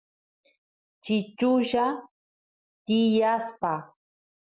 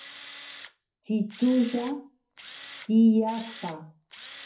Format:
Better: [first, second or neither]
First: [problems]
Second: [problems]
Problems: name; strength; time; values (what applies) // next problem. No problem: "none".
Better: first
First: none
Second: background sound (Tools); 19 dB below the speech // room echo; dies away in 0.4 s